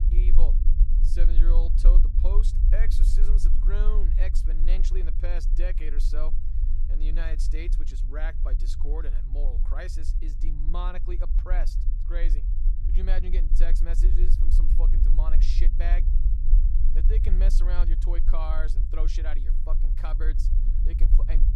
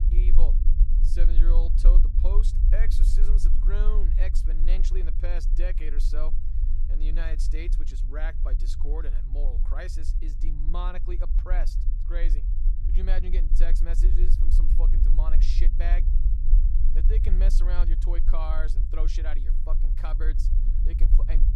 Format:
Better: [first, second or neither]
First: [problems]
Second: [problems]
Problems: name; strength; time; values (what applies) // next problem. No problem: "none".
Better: neither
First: low rumble; loud; throughout; 8 dB below the speech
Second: low rumble; loud; throughout; 8 dB below the speech